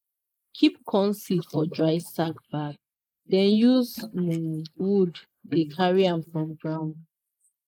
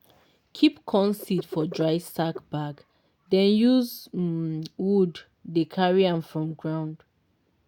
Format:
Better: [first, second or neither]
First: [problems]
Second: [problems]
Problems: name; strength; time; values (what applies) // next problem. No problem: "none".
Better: second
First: noise reduction (neural mask model Resemble Enhance denoiser)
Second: none